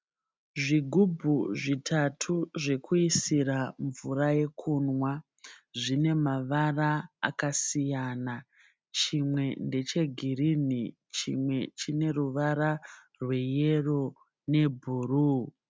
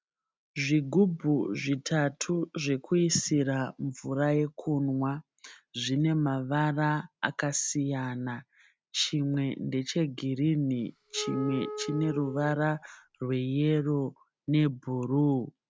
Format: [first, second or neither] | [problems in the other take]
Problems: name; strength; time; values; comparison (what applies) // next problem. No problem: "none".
first | background sound (Wind instrument, woodwind instrument); 12 dB below the speech